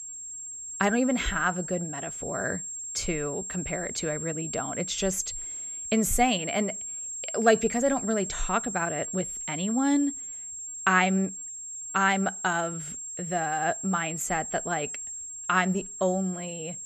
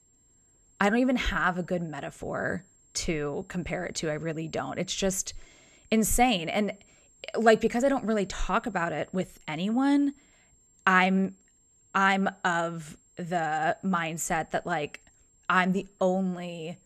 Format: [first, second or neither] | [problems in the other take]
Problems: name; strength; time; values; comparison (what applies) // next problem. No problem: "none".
second | high-pitched whine; loud; throughout; 7.5 kHz, 6 dB below the speech; faint in the second